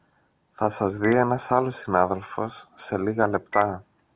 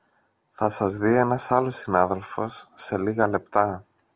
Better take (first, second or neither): second